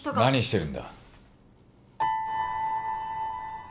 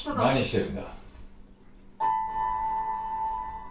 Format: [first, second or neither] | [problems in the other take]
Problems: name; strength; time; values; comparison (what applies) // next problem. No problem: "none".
first | background sound (Bird / Dog); 16 dB below the speech // room echo; dies away in 0.2 s